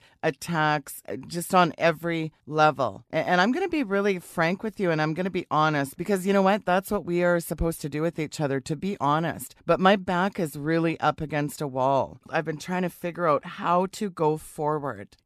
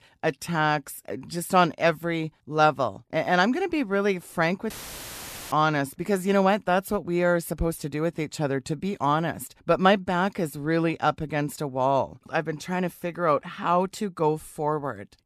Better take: first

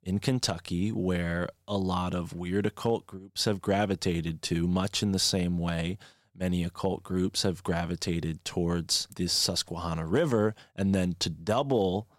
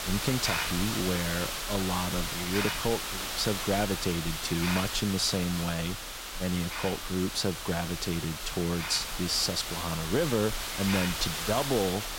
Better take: first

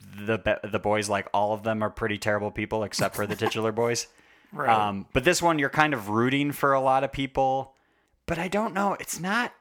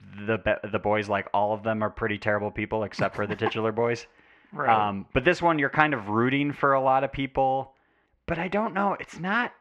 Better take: first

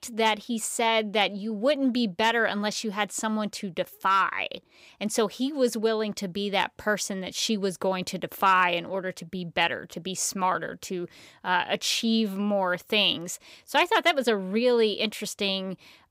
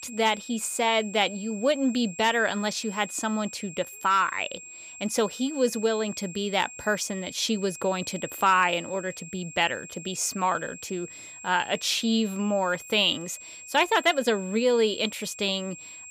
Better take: first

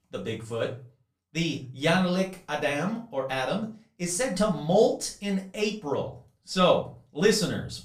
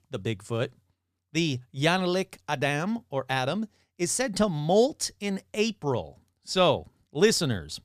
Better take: second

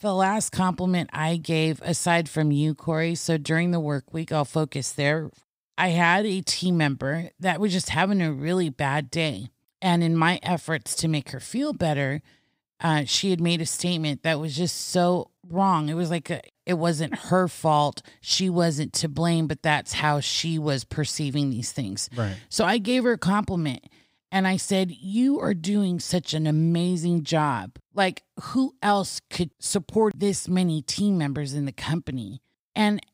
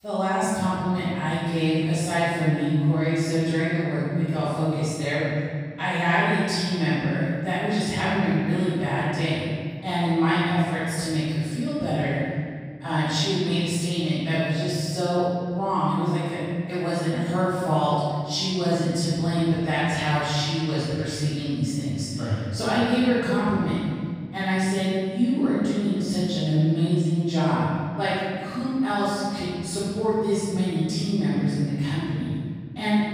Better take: first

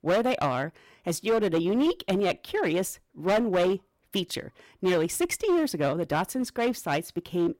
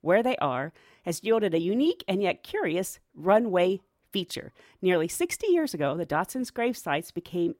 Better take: second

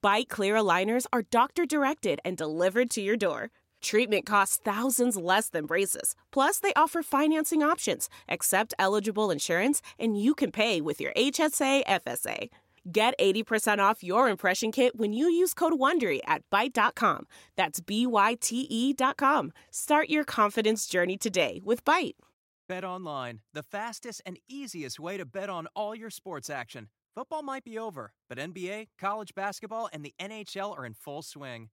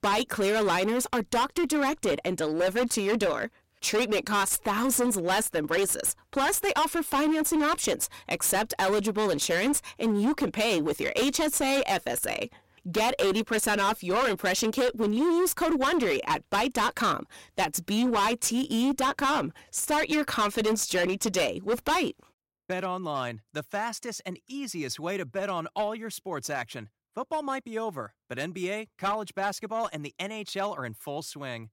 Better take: first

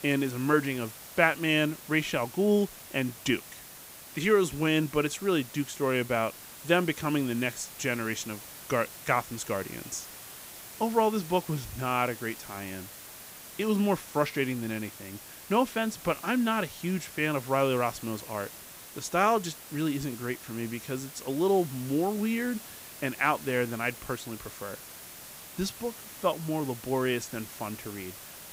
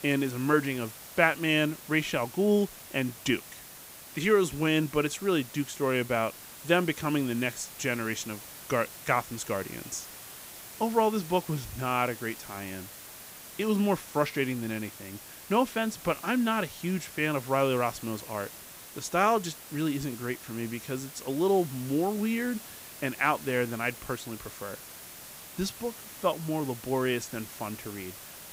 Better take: neither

